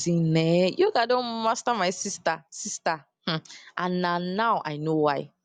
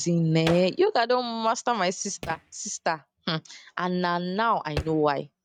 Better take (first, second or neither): first